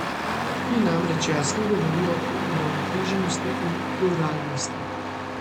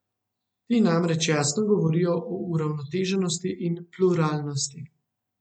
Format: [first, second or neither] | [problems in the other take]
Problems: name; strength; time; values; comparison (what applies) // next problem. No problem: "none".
second | background sound (Engine starting); 1 dB below the speech